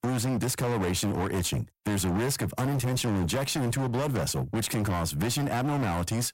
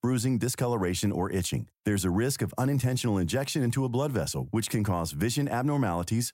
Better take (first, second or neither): second